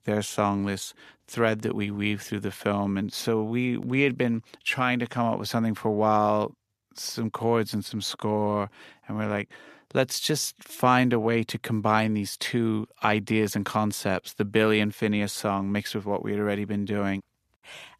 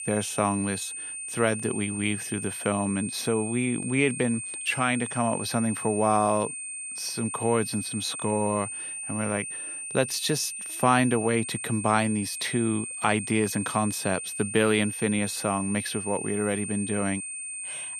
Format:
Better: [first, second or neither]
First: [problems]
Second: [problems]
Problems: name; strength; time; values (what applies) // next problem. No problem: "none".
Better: first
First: none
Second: high-pitched whine; loud; throughout; 8.5 kHz, 6 dB below the speech